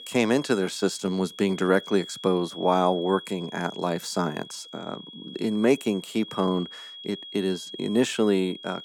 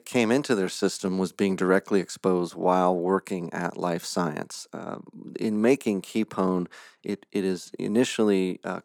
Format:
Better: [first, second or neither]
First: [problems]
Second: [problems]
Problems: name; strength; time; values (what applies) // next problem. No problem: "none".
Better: second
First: high-pitched whine; noticeable; throughout; 3.5 kHz, 15 dB below the speech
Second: none